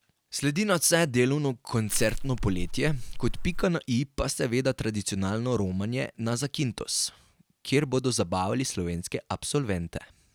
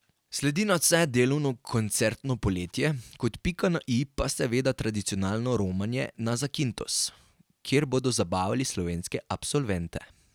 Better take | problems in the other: second | background sound (Crushing); 2 dB below the speech

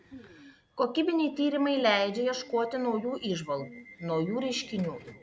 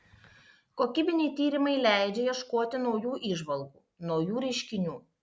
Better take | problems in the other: second | background sound (Subway, metro, underground / Alarm); 20 dB below the speech

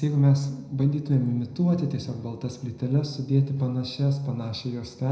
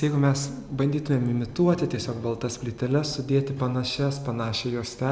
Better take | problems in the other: second | room echo; dies away in 0.4 s

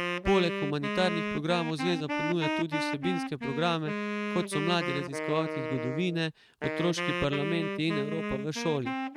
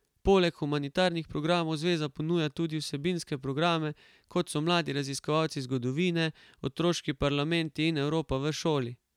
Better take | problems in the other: second | noise reduction (neural mask model RNNoise)

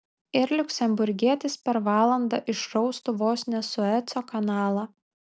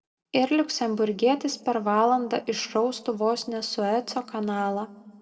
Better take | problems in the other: first | room echo; dies away in 1.1 s

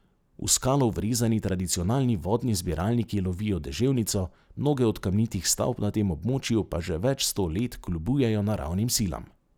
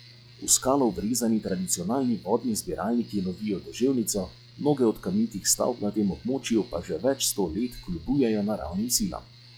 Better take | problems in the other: first | noise reduction (classical method log-MMSE)

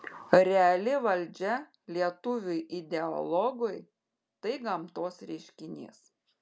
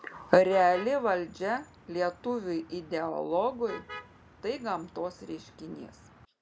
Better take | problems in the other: first | background sound (Motor vehicle (road)); 19 dB below the speech

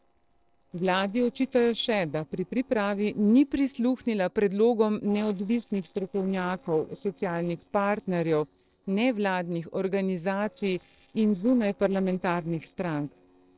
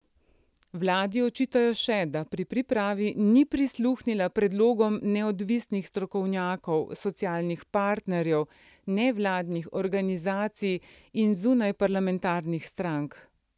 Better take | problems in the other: second | noise reduction (neural separator model SepFormer DNS4)

